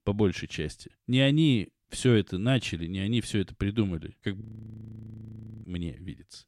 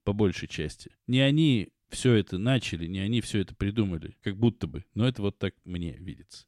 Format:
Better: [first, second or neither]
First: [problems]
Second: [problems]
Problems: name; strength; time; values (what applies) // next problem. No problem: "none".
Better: second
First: audio freezing; at 4.5 s for 1 s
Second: none